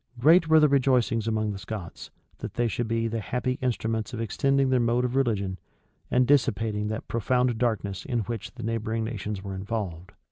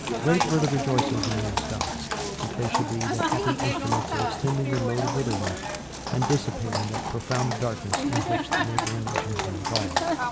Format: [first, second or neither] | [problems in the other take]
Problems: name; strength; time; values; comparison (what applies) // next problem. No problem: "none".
first | background sound (Livestock, farm animals, working animals); 1 dB above the speech